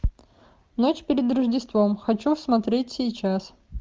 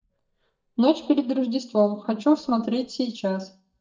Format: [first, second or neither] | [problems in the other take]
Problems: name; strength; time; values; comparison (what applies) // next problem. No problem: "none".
first | noise reduction (neural mask model DeepFilterNet 3)